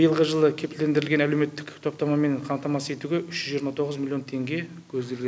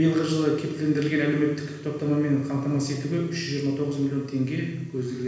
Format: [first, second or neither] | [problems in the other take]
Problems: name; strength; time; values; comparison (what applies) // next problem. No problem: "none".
first | room echo; dies away in 1.1 s